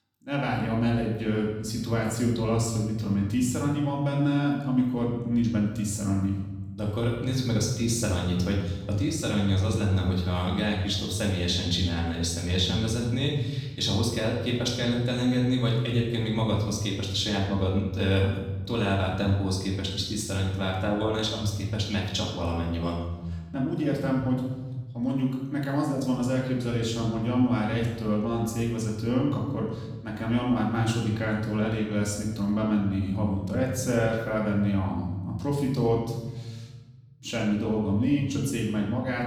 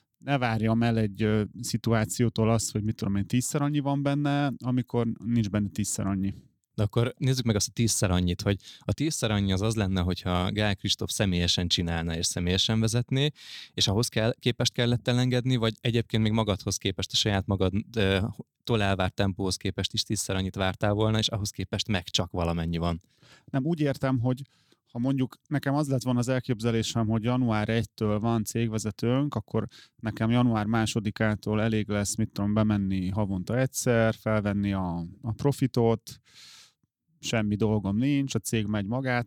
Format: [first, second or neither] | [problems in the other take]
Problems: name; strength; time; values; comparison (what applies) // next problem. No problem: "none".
second | off-mic speech; far // room echo; noticeable; dies away in 1.2 s